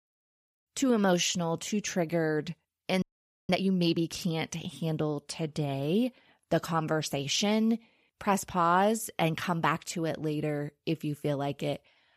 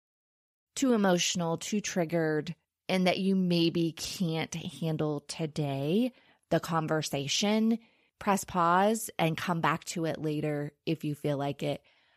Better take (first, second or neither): second